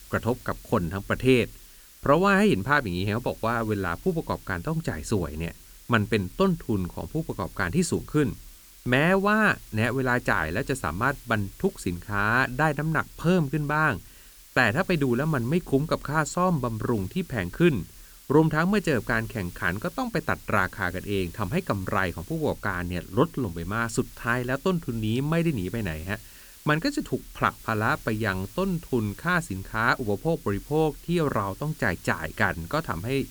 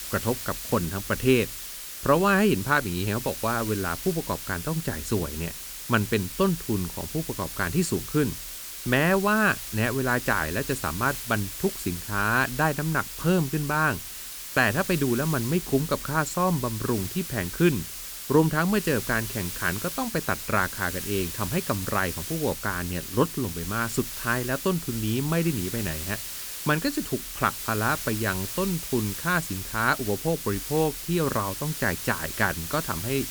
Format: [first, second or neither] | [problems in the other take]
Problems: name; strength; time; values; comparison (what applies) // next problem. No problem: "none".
first | hiss; loud; throughout; 7 dB below the speech; faint in the first